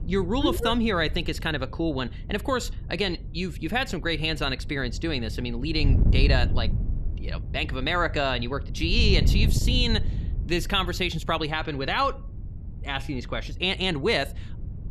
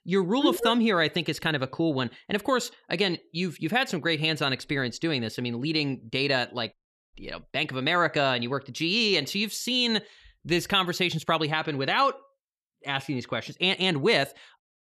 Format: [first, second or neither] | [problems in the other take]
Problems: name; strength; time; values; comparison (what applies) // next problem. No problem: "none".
second | wind noise on the microphone; occasional gusts; 20 dB below the speech